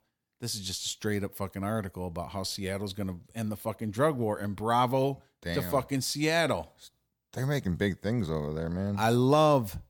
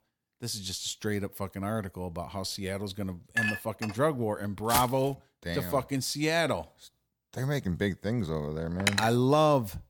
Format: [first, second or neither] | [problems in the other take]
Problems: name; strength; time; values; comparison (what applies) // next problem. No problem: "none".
first | clattering dishes; loud; at 3.5 s and at 9 s; peak 1 dB above the speech // footsteps; noticeable; at 4.5 s; peak level with the speech